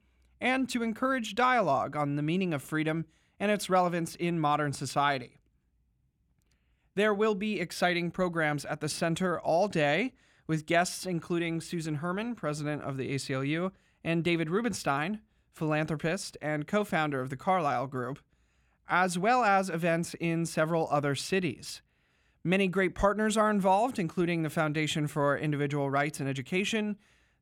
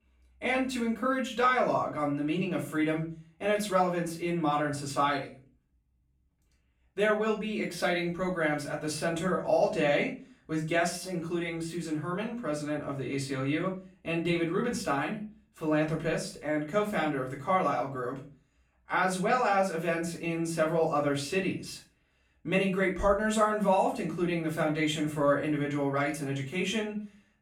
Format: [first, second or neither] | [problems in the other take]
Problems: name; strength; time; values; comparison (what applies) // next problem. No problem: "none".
first | room echo; slight; dies away in 0.3 s // off-mic speech; far